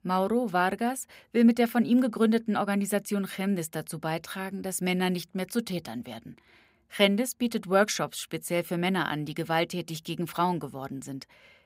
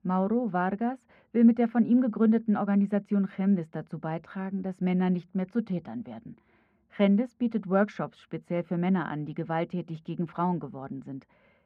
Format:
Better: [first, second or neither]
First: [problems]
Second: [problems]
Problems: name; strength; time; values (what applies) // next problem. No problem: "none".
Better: first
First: none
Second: muffled; very; fading above 1.5 kHz